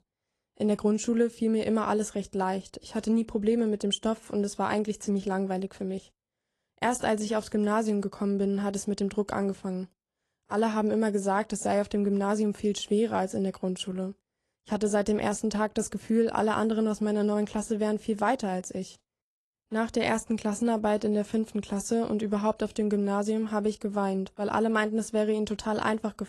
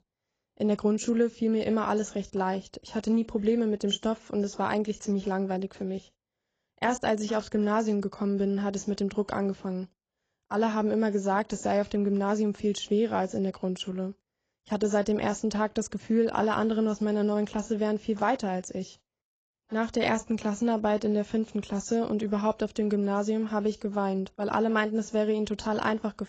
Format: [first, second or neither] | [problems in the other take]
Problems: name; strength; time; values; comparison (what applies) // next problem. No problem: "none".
first | garbled, watery; badly; nothing above 7.5 kHz; slightly in the first